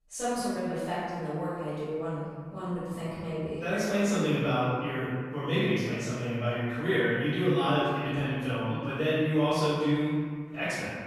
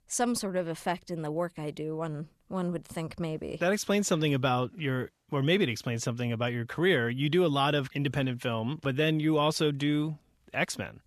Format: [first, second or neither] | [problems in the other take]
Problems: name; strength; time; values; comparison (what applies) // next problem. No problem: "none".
second | off-mic speech; far // room echo; strong; dies away in 1.6 s